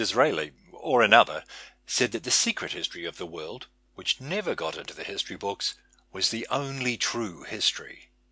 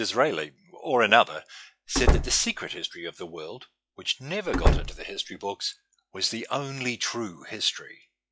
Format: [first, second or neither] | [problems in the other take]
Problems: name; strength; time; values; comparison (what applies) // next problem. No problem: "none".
first | noise reduction (classical method log-MMSE)